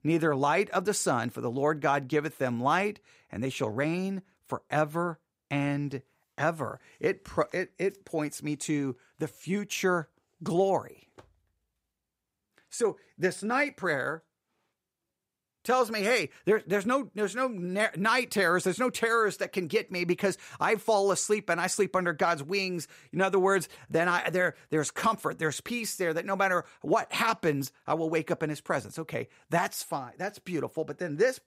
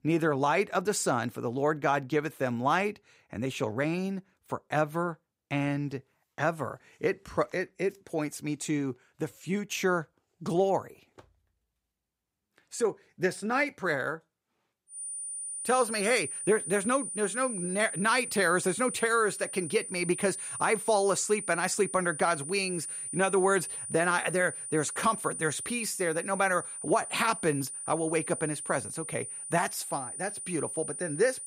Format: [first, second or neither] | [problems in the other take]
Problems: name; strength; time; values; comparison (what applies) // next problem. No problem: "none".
first | high-pitched whine; loud; from 15 s on; 9.5 kHz, 6 dB below the speech